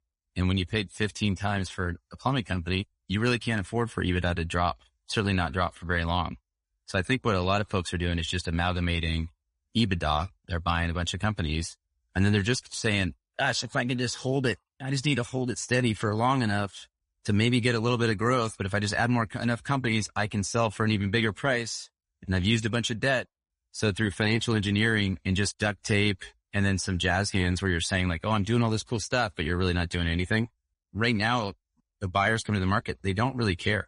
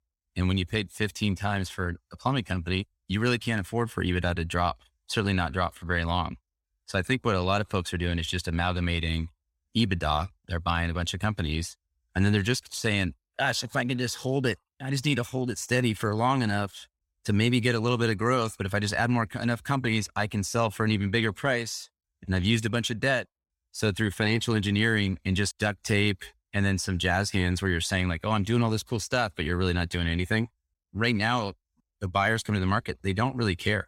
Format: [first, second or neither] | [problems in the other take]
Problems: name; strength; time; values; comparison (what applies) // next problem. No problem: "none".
second | garbled, watery; slightly; nothing above 10.5 kHz